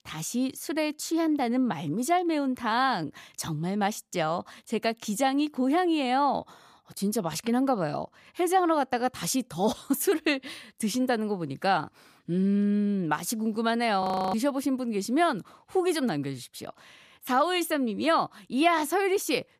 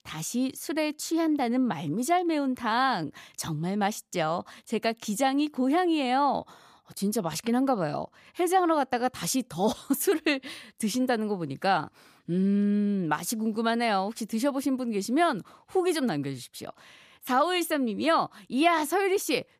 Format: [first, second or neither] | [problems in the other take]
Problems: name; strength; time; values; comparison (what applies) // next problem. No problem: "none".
second | audio freezing; at 14 s